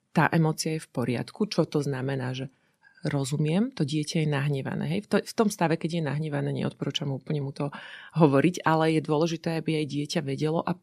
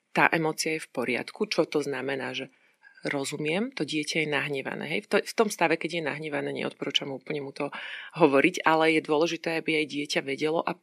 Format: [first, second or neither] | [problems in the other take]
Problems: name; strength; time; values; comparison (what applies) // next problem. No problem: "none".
first | thin; somewhat; fading below 350 Hz